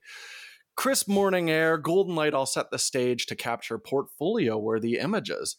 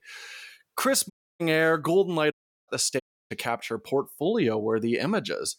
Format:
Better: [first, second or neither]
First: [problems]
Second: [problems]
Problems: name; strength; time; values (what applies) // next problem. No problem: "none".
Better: first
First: none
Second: audio cutting out; at 1 s, at 2.5 s and at 3 s